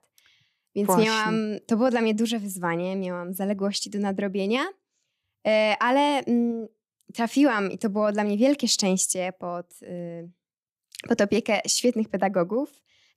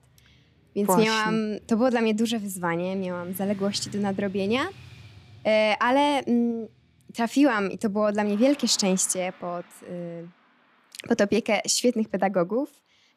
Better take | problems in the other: first | traffic noise; faint; throughout; 25 dB below the speech

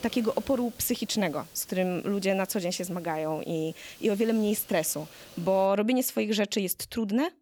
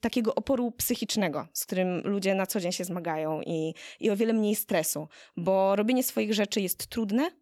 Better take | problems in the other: second | hiss; faint; until 5.5 s; 20 dB below the speech

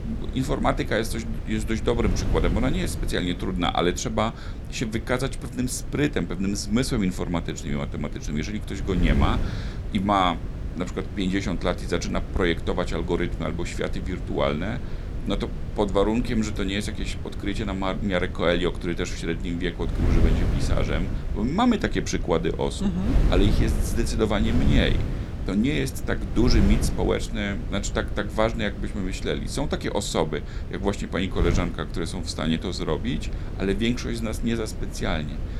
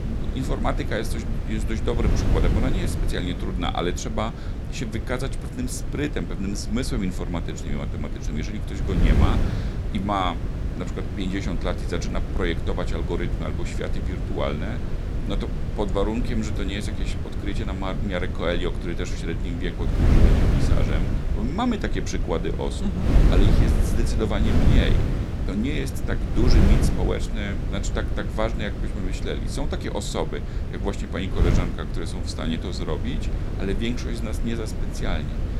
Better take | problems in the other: first | wind noise on the microphone; heavy; 5 dB below the speech; occasional gusts in the first

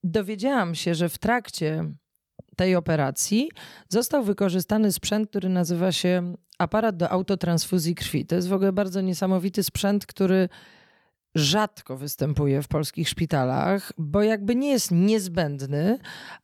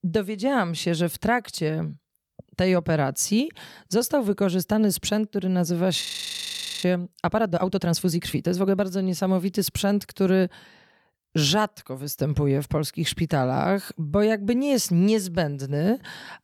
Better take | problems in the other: first | audio freezing; at 6 s for 1 s

